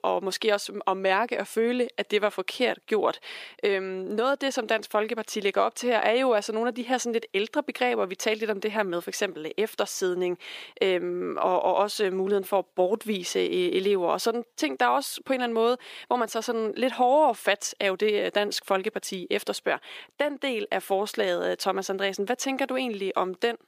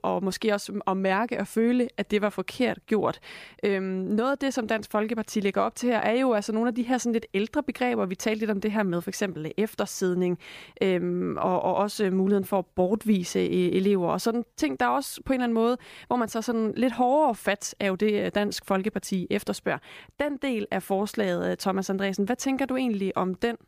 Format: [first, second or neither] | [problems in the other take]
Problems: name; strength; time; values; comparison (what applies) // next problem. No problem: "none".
second | thin; somewhat; fading below 400 Hz